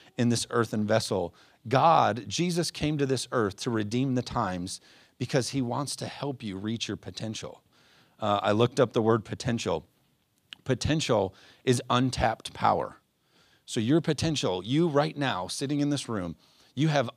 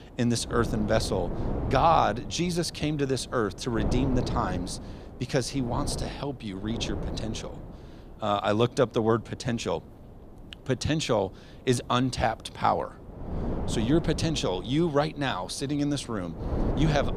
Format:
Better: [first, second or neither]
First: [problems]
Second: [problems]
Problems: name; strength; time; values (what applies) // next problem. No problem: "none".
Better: first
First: none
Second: wind noise on the microphone; occasional gusts; 10 dB below the speech